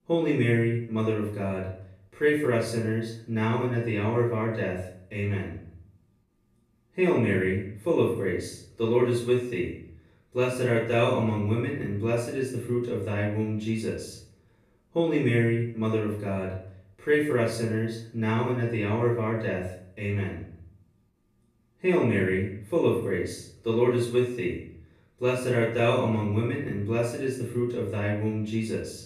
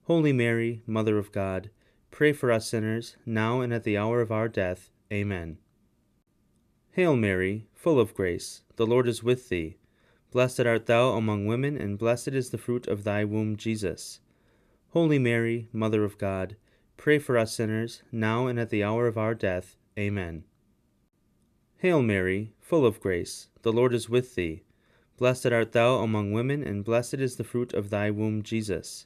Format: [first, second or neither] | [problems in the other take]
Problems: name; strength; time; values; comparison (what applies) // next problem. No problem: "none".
second | off-mic speech; far // room echo; noticeable; dies away in 0.5 s